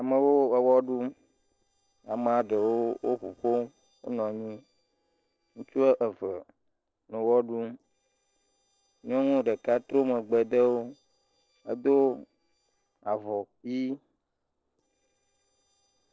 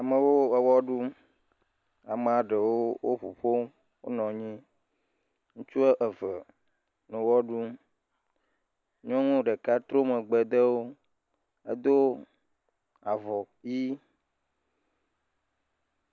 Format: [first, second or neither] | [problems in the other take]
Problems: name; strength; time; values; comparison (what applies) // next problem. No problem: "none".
second | noise reduction (neural separator model SepFormer DNS4)